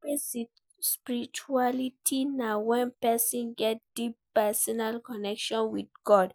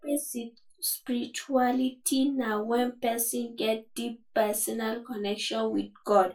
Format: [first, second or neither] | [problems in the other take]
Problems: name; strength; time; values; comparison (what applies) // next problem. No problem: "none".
first | room echo; dies away in 0.2 s